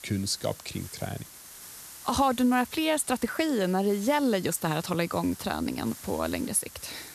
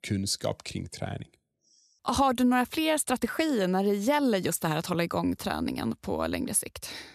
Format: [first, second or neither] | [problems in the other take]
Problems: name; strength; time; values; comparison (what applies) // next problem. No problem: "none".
second | hiss; noticeable; throughout; 15 dB below the speech